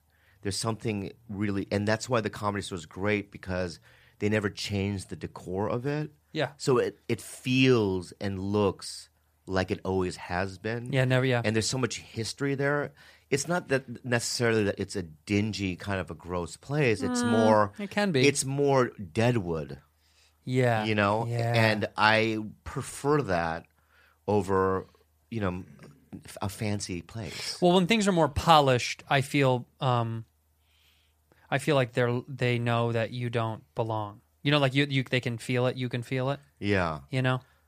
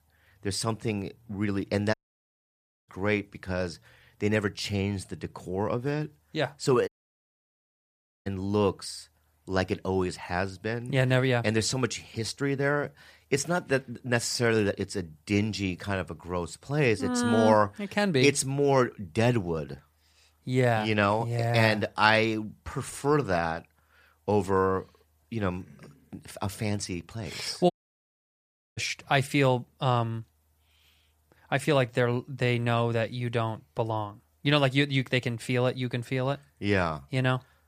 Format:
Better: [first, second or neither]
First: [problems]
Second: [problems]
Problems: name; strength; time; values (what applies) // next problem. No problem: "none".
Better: first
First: none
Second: audio cutting out; at 2 s for 1 s, at 7 s for 1.5 s and at 28 s for 1 s